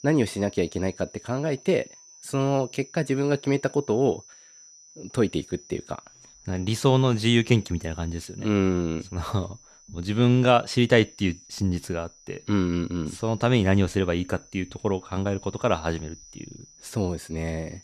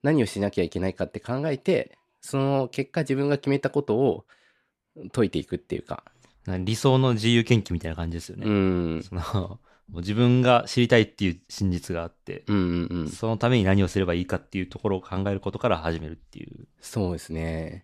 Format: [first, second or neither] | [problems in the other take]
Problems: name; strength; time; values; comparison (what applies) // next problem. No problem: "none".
second | high-pitched whine; faint; throughout; 6 kHz, 20 dB below the speech